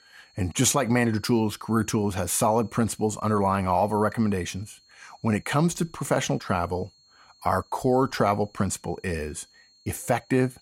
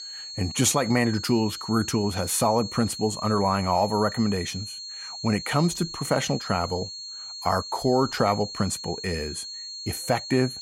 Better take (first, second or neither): first